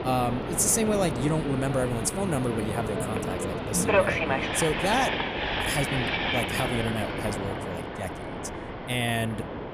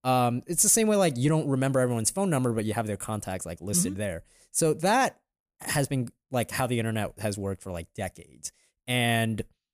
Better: second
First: train or aircraft noise; loud; throughout; 1 dB below the speech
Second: none

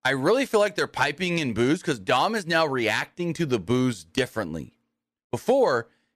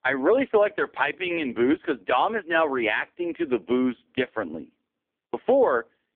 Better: first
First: none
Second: phone-call audio; poor line; nothing above 3.5 kHz

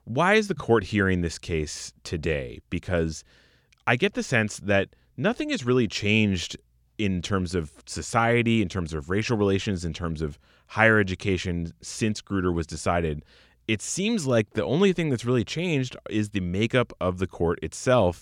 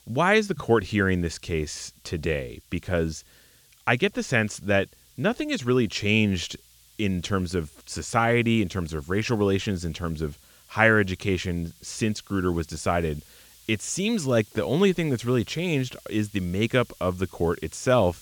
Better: first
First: none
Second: hiss; faint; throughout; 25 dB below the speech

